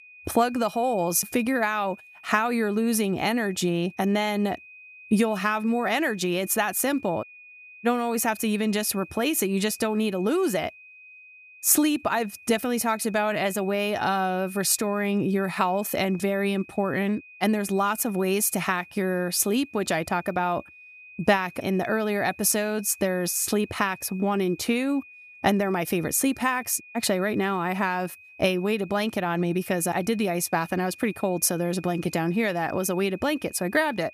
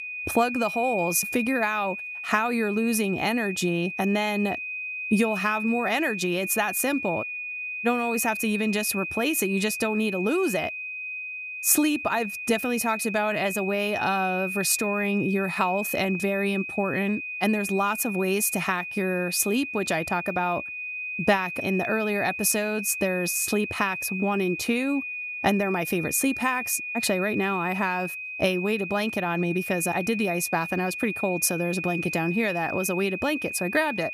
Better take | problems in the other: first | high-pitched whine; loud; throughout; 2.5 kHz, 5 dB below the speech; faint in the first

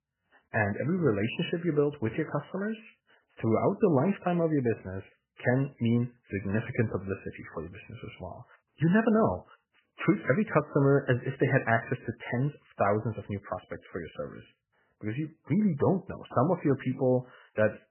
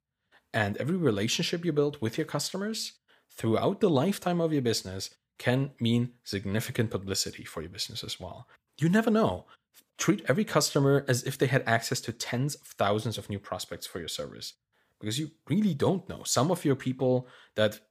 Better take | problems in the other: second | garbled, watery; badly; nothing above 3 kHz

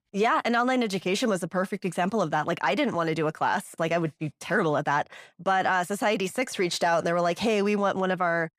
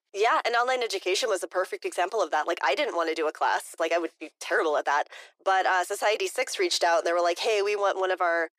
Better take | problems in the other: first | thin; very; fading below 350 Hz

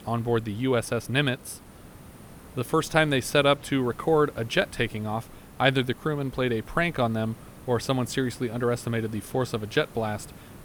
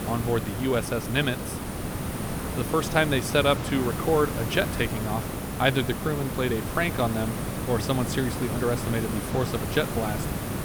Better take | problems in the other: first | hiss; loud; throughout; 4 dB below the speech; faint in the first

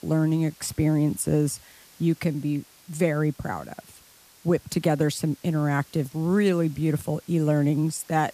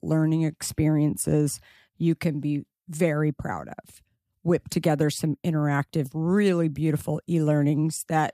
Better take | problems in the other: second | hiss; faint; throughout; 25 dB below the speech

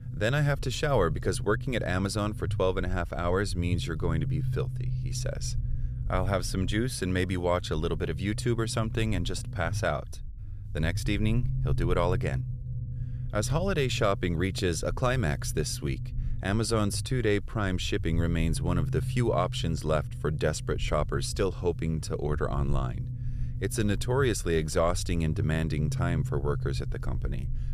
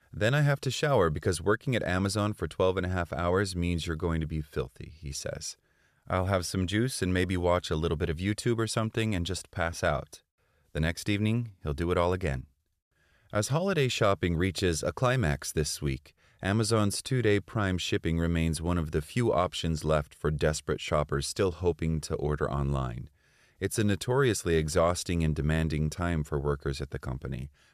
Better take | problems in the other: second | low rumble; noticeable; throughout; 15 dB below the speech

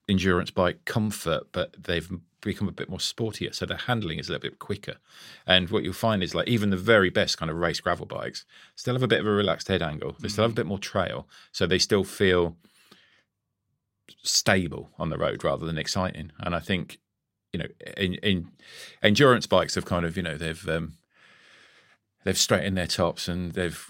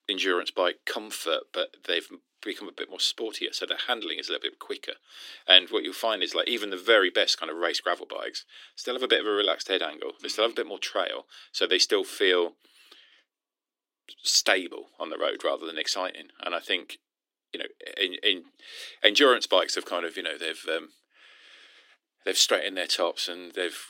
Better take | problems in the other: first | thin; somewhat; fading below 300 Hz

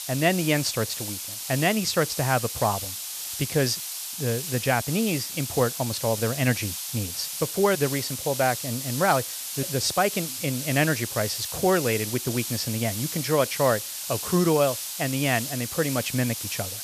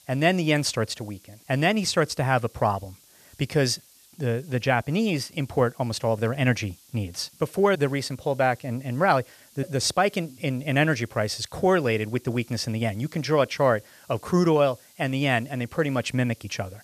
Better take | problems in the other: second | hiss; loud; throughout; 5 dB below the speech; faint in the second

